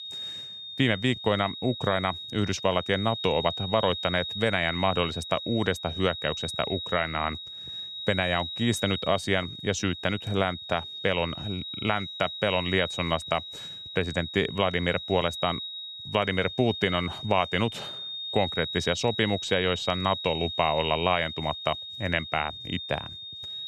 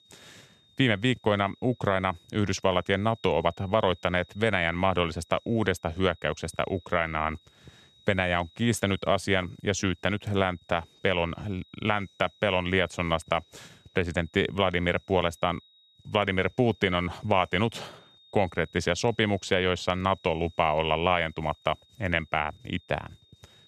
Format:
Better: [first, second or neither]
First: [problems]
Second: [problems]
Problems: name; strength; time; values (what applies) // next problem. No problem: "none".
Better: second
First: high-pitched whine; loud; throughout; 4 kHz, 7 dB below the speech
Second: high-pitched whine; faint; throughout; 4 kHz, 30 dB below the speech